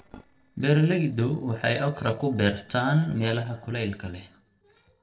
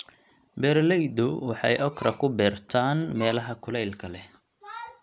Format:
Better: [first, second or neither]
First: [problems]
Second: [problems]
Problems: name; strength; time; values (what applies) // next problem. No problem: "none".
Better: second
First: noise reduction (neural separator model SepFormer DNS4)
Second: none